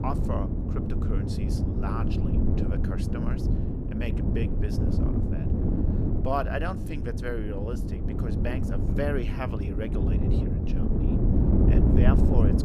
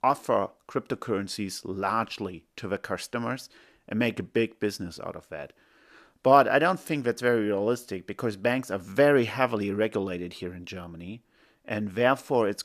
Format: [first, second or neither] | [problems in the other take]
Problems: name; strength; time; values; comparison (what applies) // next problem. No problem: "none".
second | wind noise on the microphone; heavy; as loud as the speech